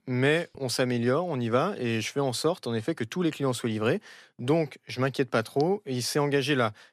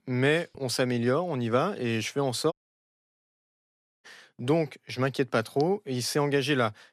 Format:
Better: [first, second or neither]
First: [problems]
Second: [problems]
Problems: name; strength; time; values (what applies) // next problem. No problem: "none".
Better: first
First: none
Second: audio cutting out; at 2.5 s for 1.5 s